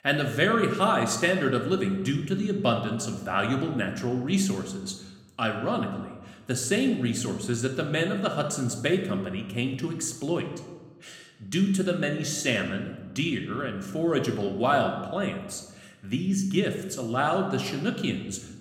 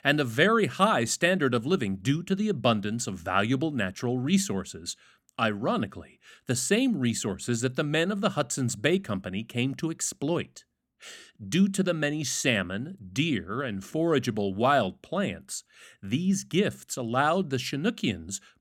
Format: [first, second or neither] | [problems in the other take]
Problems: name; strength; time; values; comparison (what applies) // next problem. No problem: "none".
second | room echo; slight; dies away in 0.9 s